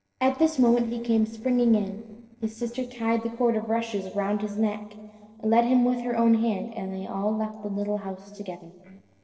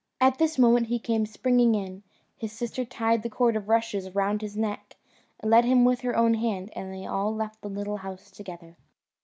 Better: second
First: noise reduction (neural separator model SepFormer DNS4)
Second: none

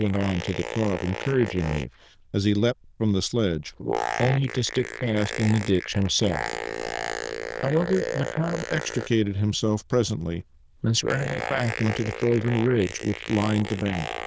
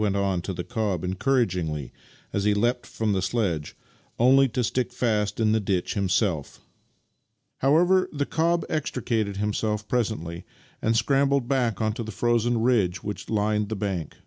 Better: second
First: noise reduction (neural diffusion model UNIVERSE++)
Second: none

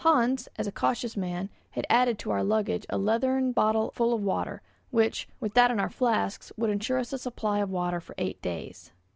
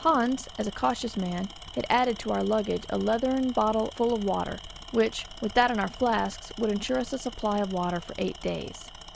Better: first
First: none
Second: background sound (Tools); 16 dB below the speech

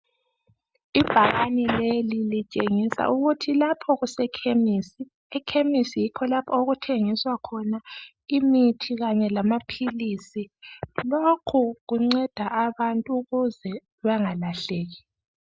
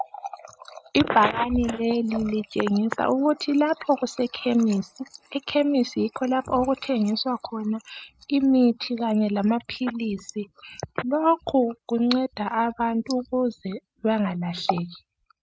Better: first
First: none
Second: noise reduction (neural mask model RNNoise)

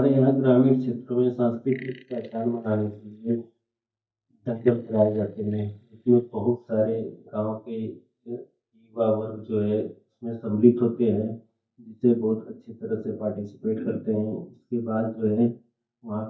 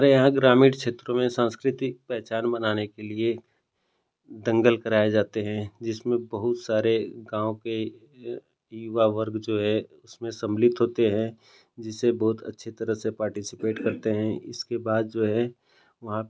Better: second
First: noise reduction (neural mask model DeepFilterNet 3)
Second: none

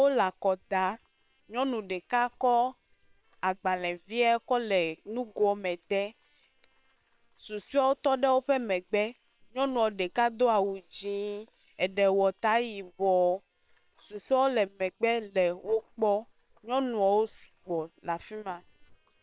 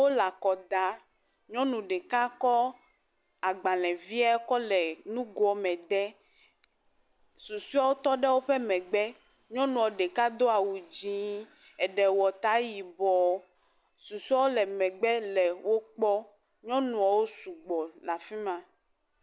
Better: second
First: noise reduction (neural separator model SepFormer WHAM!)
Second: none

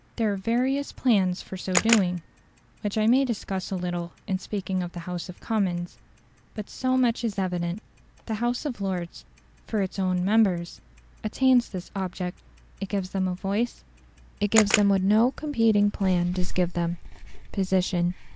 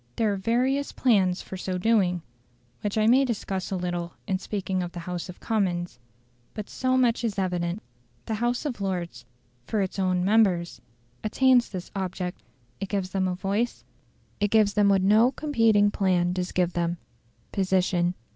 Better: second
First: background sound (Clock + Camera); 8 dB below the speech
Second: none

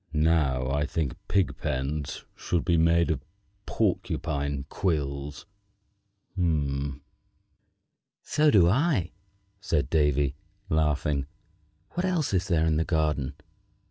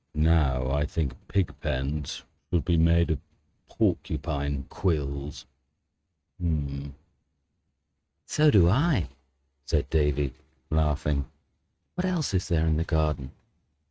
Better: first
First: none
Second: noise reduction (neural mask model RNNoise)

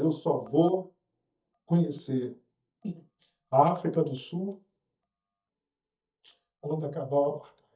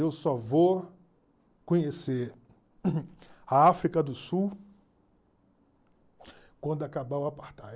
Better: second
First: noise reduction (neural mask model DeepFilterNet 3)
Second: none

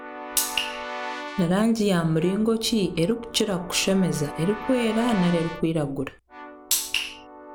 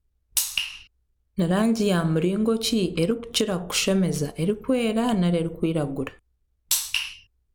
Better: second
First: background sound (Keyboard (musical) / Brass instrument); 13 dB below the speech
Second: none

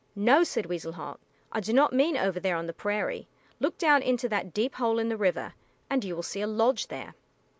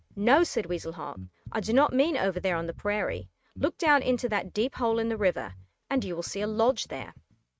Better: first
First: none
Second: noise reduction (neural mask model RNNoise)

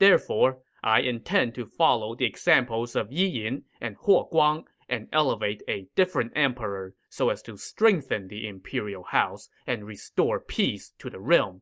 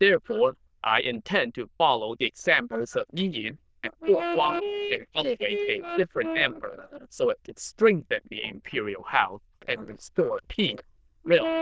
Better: first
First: none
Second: noise reduction (neural diffusion model UNIVERSE++)

